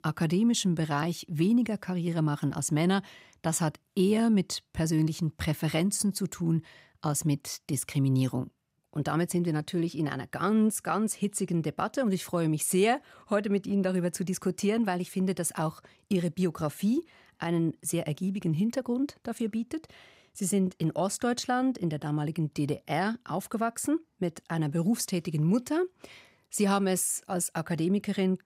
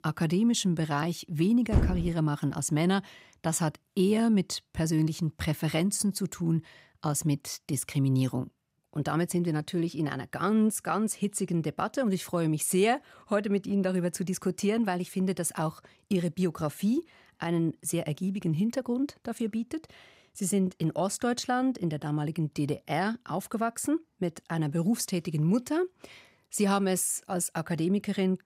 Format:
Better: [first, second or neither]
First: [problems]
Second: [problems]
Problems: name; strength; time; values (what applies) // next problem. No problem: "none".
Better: first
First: none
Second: door banging; loud; at 1.5 s; peak 1 dB above the speech